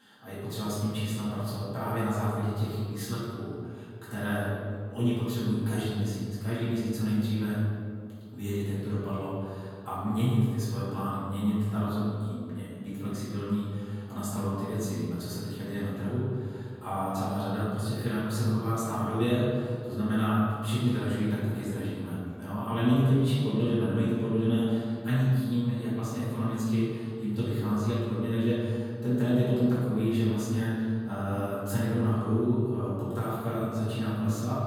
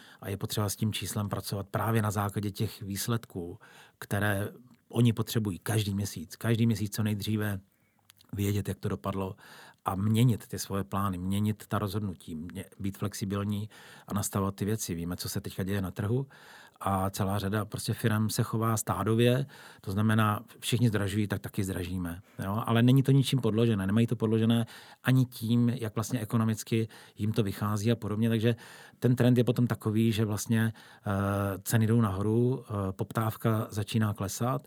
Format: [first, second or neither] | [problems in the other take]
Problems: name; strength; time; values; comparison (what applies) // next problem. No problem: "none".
second | off-mic speech; far // room echo; strong; dies away in 2.1 s